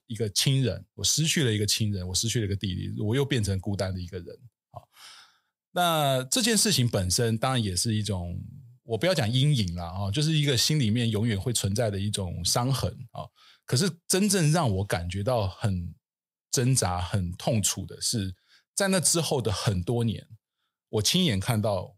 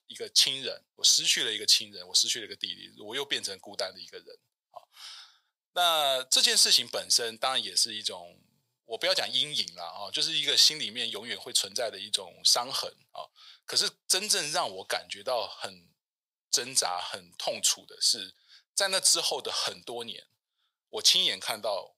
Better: first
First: none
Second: thin; very; fading below 700 Hz

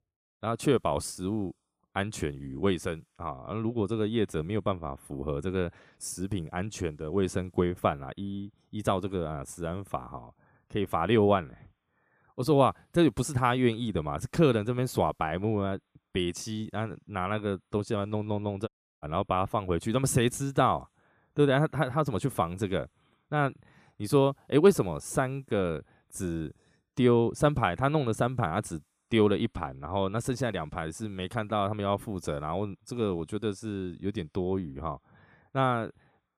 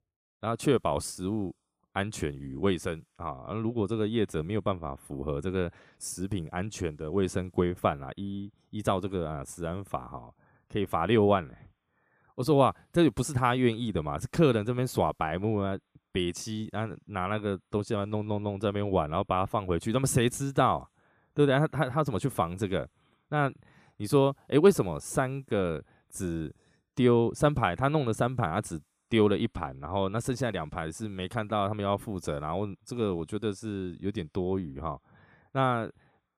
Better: second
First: audio cutting out; at 19 s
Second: none

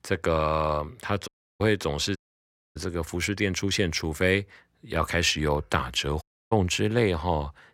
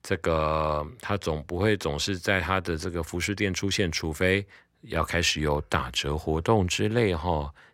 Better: second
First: audio cutting out; at 1.5 s, at 2 s for 0.5 s and at 6 s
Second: none

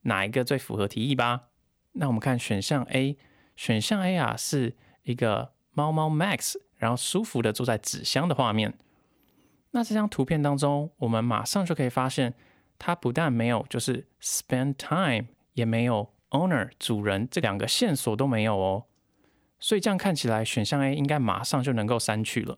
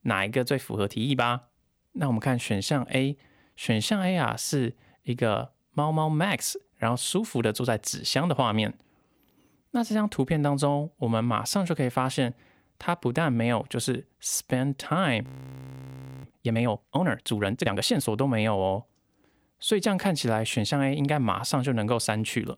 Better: first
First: none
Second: audio freezing; at 15 s for 1 s

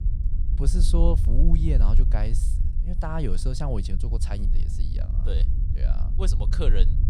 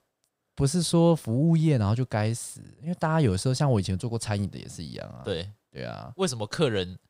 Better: second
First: low rumble; loud; throughout; 9 dB below the speech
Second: none

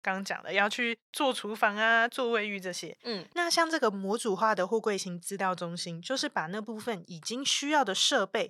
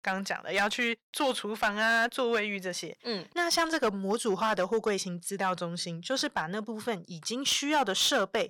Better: first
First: none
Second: distortion; slight; 4% of the sound clipped

